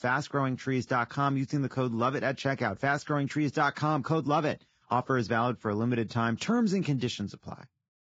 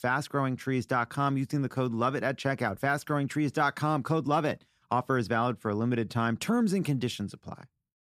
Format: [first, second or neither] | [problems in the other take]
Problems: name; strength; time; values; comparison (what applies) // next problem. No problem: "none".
second | garbled, watery; badly; nothing above 7.5 kHz